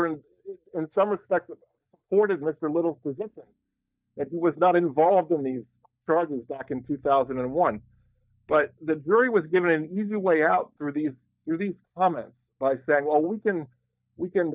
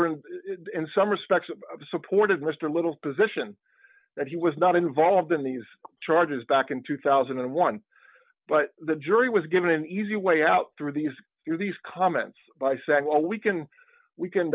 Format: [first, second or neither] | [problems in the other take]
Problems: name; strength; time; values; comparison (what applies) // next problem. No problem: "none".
second | noise reduction (neural mask model DeepFilterNet 3)